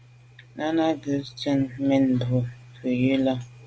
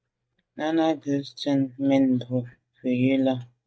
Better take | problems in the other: first | noise reduction (neural mask model DeepFilterNet 3)

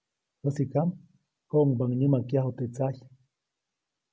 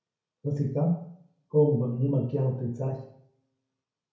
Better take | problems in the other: first | room echo; dies away in 0.6 s

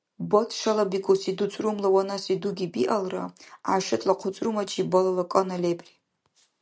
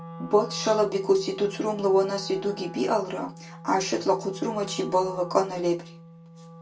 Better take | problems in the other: first | background sound (Wind instrument, woodwind instrument); 15 dB below the speech // room echo; dies away in 0.2 s

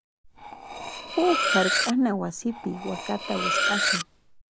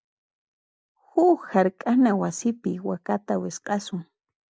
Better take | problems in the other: second | background sound (Cutlery, silverware); as loud as the speech

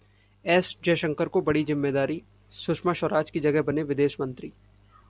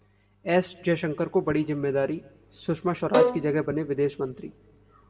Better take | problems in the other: first | background sound (Bowed string instrument); 1 dB below the speech // room echo; dies away in 0.8 s

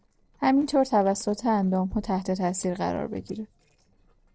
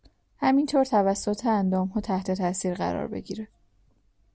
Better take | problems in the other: second | noise reduction (neural separator model SepFormer DNS4)

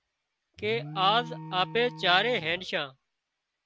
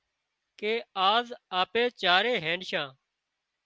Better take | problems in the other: second | background sound (Alarm); 14 dB below the speech

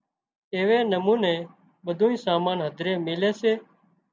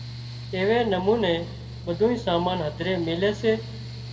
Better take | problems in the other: first | background sound (Mechanical fan); 11 dB below the speech // room echo; dies away in 1.5 s

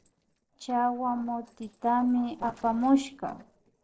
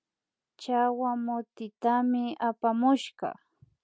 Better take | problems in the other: second | noise reduction (neural separator model SepFormer DNS4)

